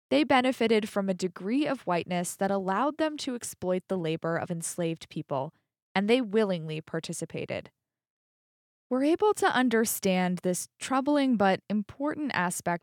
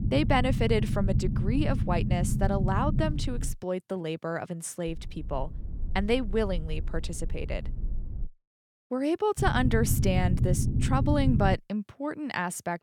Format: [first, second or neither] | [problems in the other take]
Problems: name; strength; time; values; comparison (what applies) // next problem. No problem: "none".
first | low rumble; loud; until 3.5 s, from 5 to 8.5 s and from 9.5 to 12 s; 9 dB below the speech